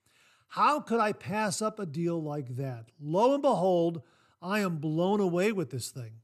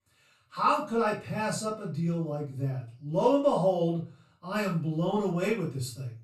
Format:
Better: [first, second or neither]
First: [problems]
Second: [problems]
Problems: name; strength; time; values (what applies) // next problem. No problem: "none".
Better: first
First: none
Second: off-mic speech; far // room echo; slight; dies away in 0.3 s